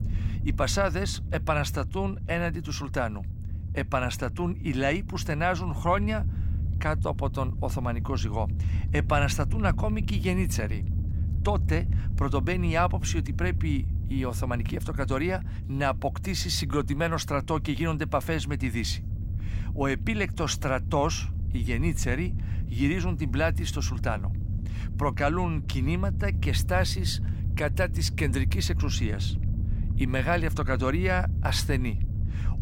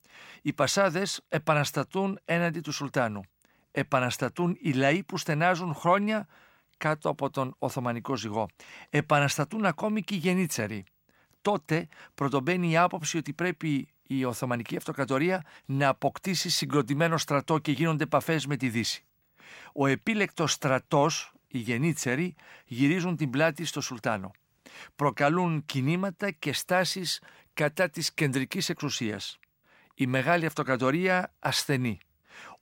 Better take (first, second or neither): second